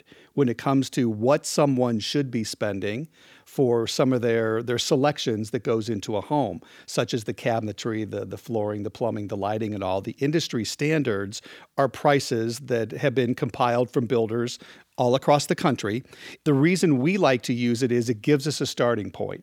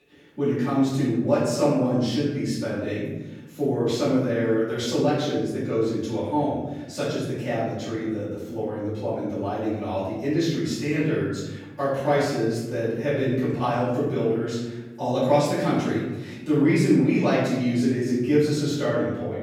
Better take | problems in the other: first | off-mic speech; far // room echo; strong; dies away in 1.1 s

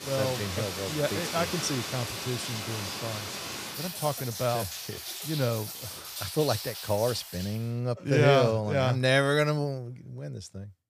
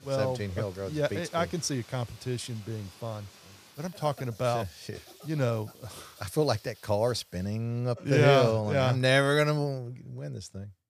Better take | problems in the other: second | rain or running water; loud; until 7.5 s; 6 dB below the speech; faint in the second

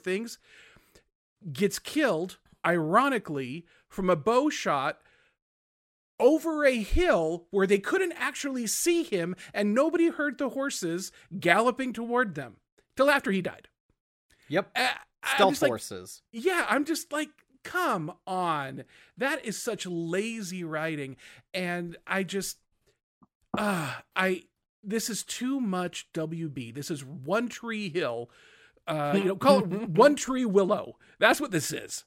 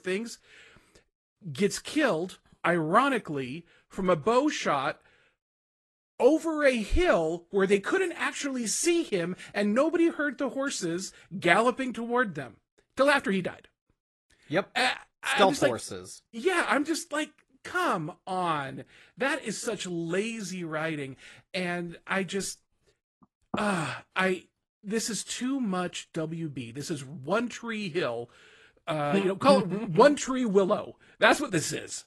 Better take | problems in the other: first | garbled, watery; slightly; nothing above 11.5 kHz

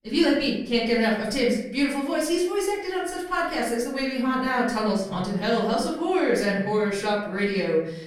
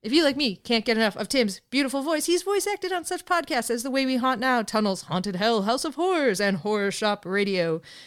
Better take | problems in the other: second | off-mic speech; far // room echo; noticeable; dies away in 0.8 s

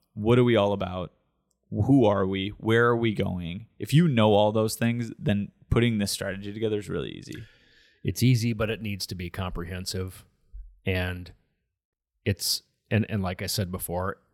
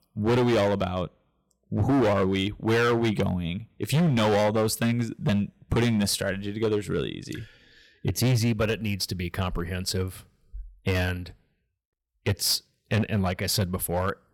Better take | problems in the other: first | distortion; heavy; 10% of the sound clipped

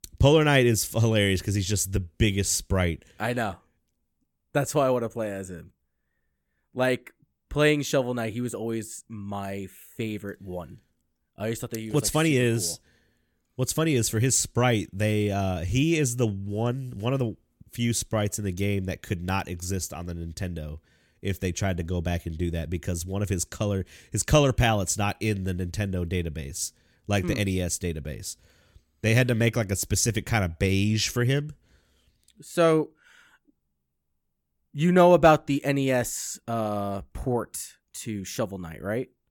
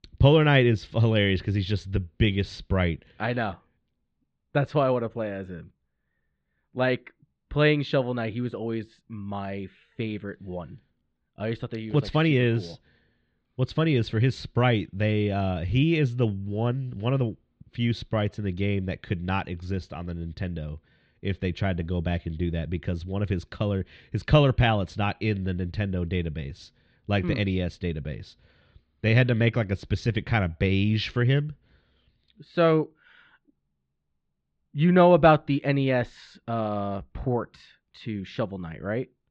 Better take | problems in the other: first | muffled; slightly; fading above 4 kHz

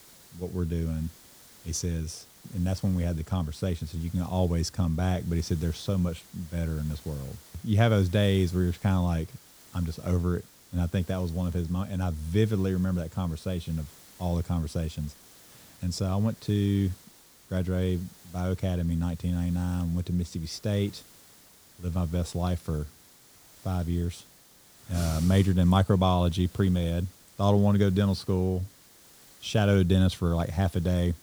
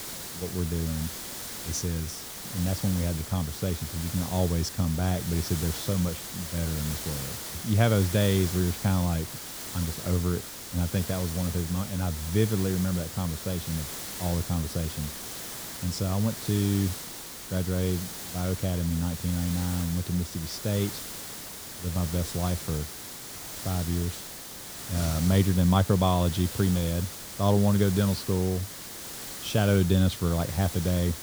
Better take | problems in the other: first | hiss; loud; throughout; 8 dB below the speech; faint in the first

